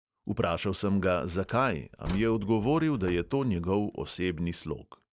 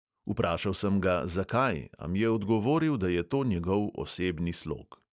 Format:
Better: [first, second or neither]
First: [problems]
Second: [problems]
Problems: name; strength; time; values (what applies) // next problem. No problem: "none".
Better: second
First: background sound (Slam); 17 dB below the speech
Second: none